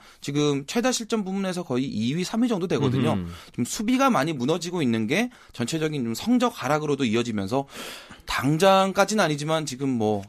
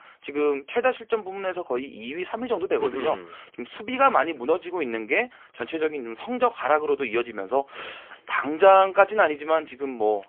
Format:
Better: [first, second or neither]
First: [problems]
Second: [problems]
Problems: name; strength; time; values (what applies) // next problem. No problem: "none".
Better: first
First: none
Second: phone-call audio; poor line